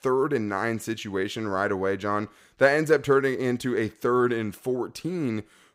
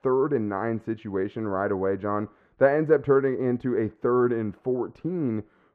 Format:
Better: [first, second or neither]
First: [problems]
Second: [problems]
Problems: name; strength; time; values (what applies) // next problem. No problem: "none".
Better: first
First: none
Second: muffled; very; fading above 3.5 kHz